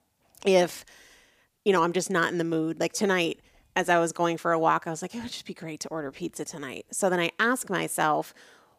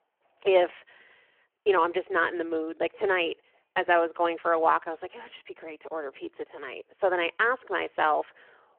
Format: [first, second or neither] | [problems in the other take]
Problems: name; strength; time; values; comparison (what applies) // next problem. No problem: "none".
first | phone-call audio